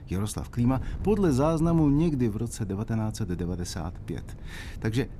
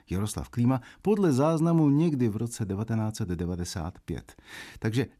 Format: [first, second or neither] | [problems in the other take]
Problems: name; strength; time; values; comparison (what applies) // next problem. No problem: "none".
second | wind noise on the microphone; occasional gusts; 20 dB below the speech